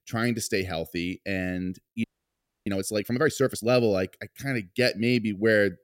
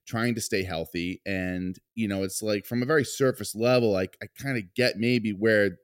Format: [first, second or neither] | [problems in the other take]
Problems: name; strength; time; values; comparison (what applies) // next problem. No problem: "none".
second | audio freezing; at 2 s for 0.5 s